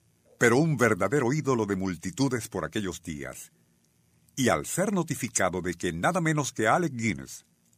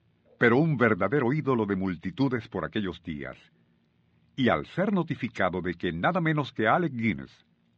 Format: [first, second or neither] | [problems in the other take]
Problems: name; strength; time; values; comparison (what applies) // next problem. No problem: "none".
first | muffled; very; fading above 4 kHz